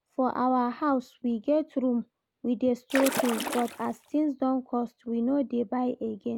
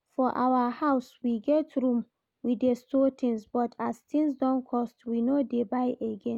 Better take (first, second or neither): second